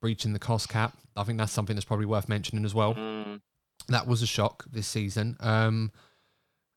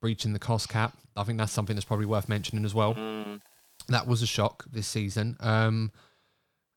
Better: first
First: none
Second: hiss; faint; from 1.5 to 4.5 s; 30 dB below the speech

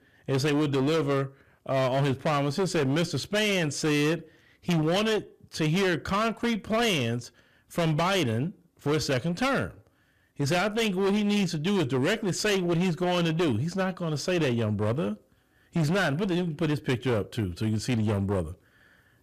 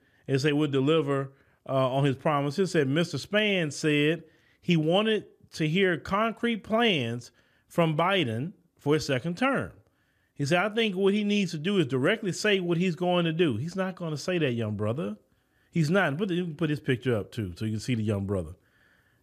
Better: second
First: distortion; heavy; 22% of the sound clipped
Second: none

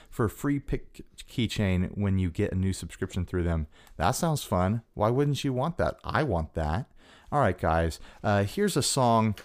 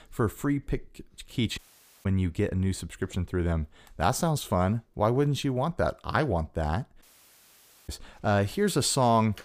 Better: first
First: none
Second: audio cutting out; at 1.5 s and at 7 s for 1 s

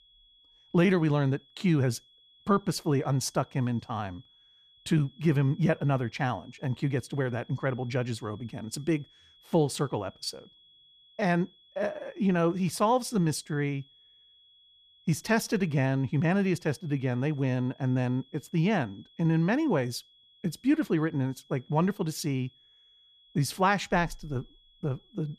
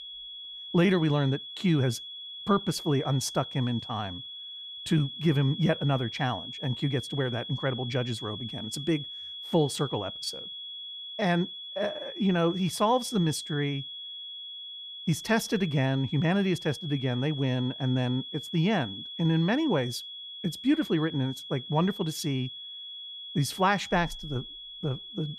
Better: first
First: high-pitched whine; faint; throughout; 3.5 kHz, 30 dB below the speech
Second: high-pitched whine; loud; throughout; 3.5 kHz, 9 dB below the speech

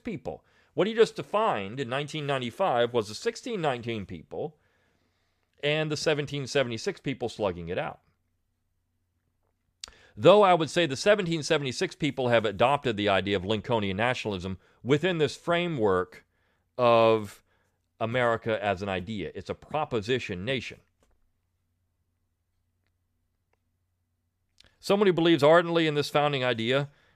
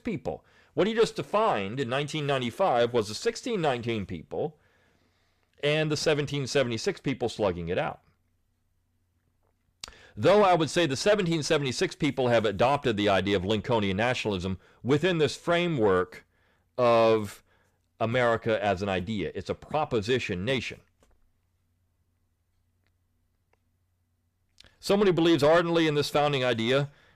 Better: first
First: none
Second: distortion; slight; 10 dB below the speech

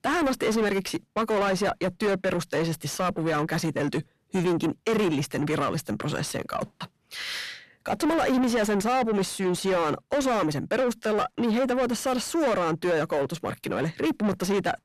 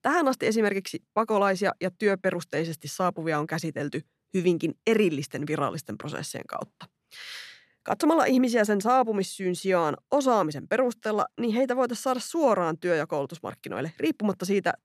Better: second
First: distortion; heavy; 6 dB below the speech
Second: none

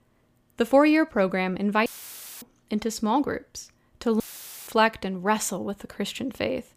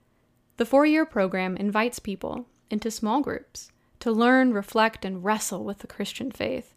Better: second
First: audio cutting out; filled with static; at 2 s for 0.5 s and at 4 s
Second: none

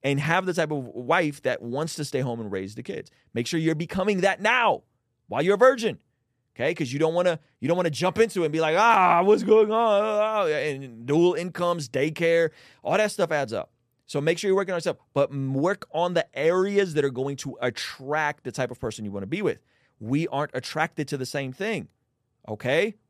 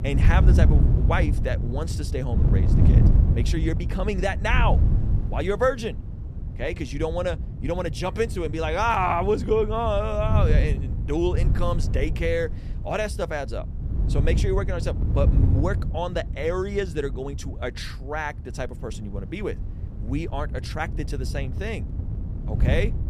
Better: first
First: none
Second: wind noise on the microphone; occasional gusts; 10 dB below the speech

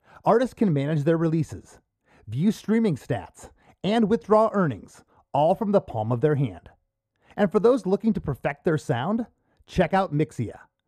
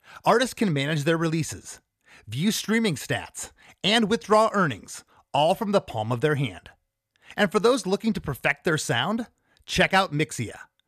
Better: second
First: muffled; slightly; fading above 1.5 kHz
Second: none

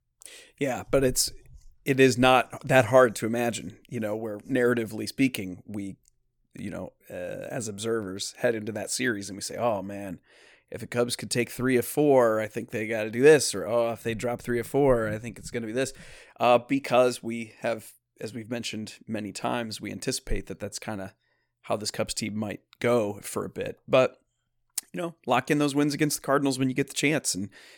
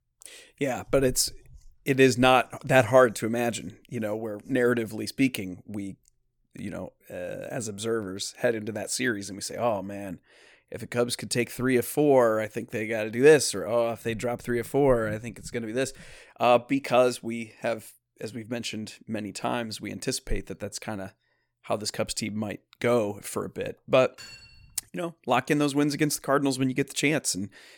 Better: first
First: none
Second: clattering dishes; faint; at 24 s; peak 15 dB below the speech

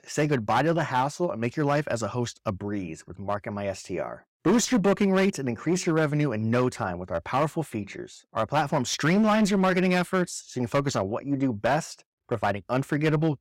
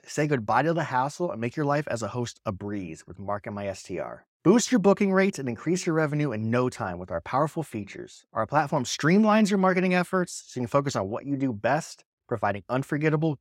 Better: second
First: distortion; slight; 7% of the sound clipped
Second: none

